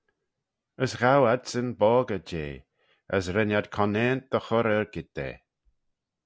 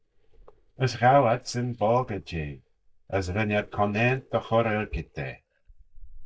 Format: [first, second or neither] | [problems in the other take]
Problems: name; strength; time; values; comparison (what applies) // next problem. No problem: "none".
first | noise reduction (neural mask model DeepFilterNet 3)